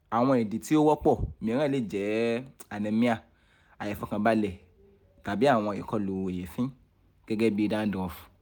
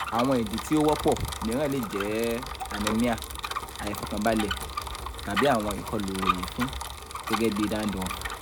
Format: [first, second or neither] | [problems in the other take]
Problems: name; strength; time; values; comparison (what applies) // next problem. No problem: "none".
first | background sound (Bicycle); 5 dB below the speech